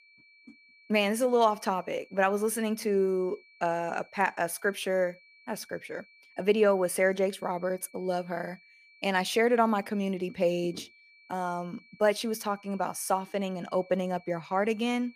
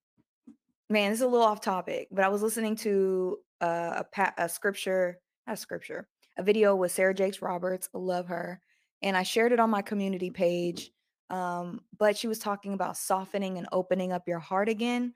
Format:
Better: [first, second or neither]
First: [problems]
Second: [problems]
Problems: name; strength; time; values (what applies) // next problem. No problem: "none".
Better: second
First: high-pitched whine; faint; throughout; 2.5 kHz, 25 dB below the speech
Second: none